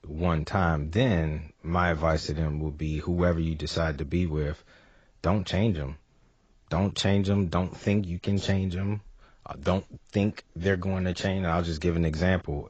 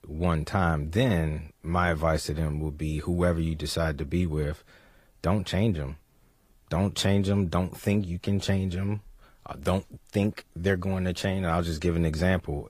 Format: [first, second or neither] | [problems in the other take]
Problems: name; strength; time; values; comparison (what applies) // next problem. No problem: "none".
second | garbled, watery; badly; nothing above 8 kHz; slightly in the second